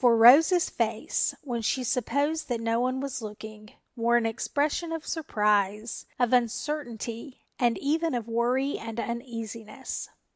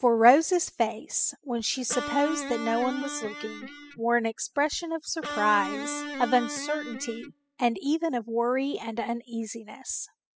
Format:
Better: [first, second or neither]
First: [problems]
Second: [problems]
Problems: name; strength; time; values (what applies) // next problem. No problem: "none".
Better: first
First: none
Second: noise reduction (classical method spectral subtraction)